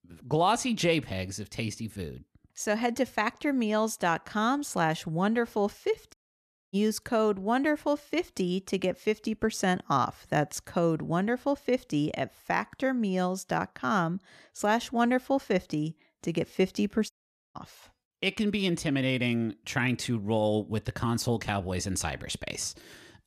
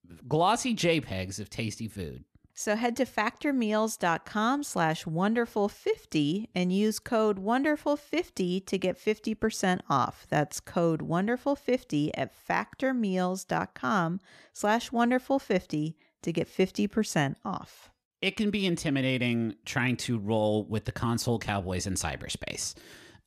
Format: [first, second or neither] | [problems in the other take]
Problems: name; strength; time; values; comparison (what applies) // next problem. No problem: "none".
second | audio cutting out; at 6 s for 0.5 s and at 17 s